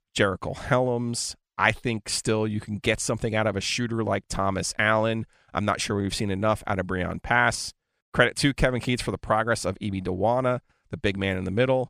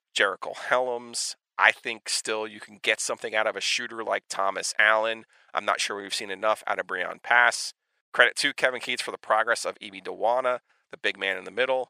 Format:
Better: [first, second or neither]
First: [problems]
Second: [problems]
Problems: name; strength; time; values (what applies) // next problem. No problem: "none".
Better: first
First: none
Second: thin; very; fading below 650 Hz